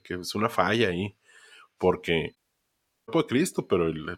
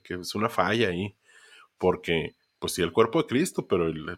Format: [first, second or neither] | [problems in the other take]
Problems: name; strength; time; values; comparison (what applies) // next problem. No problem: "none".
second | audio cutting out; at 2.5 s for 0.5 s